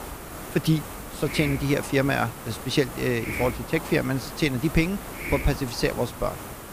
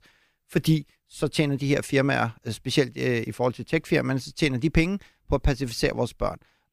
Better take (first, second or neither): second